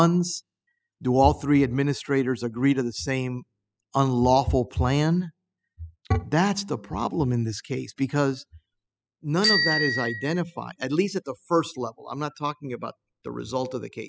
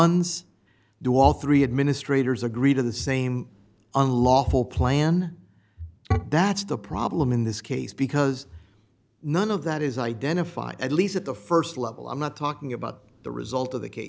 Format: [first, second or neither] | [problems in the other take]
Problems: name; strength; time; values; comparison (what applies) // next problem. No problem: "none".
second | noise reduction (classical method spectral subtraction)